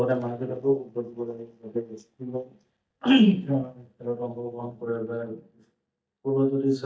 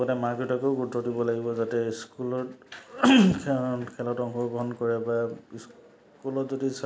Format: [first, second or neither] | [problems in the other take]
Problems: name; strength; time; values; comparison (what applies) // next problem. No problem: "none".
second | noise reduction (neural mask model DeepFilterNet 3)